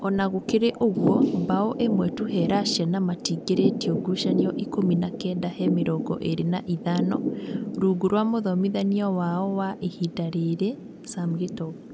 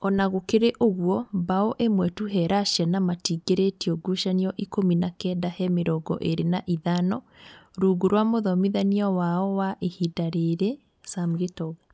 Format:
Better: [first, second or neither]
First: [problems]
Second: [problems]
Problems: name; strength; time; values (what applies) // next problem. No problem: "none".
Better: second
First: background sound (Thunder / Rain); 5 dB below the speech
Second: none